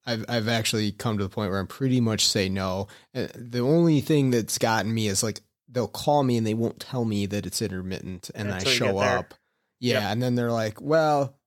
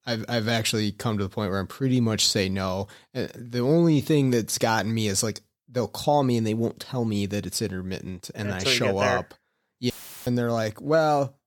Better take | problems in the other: first | audio cutting out; filled with static; at 10 s

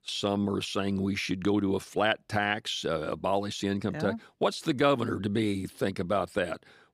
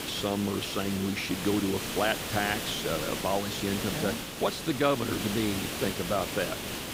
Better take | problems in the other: first | hiss; loud; throughout; 3 dB below the speech

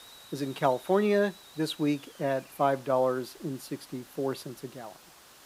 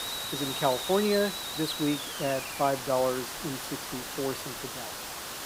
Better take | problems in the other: first | hiss; loud; throughout; 4 dB below the speech; faint in the first

